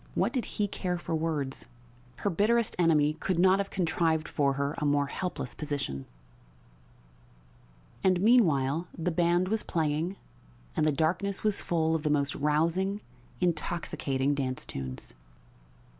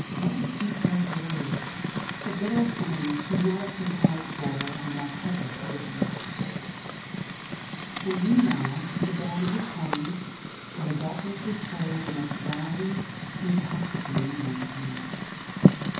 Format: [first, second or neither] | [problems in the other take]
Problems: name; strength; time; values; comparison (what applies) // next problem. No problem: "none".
first | background sound (Fire); as loud as the speech // room echo; dies away in 0.9 s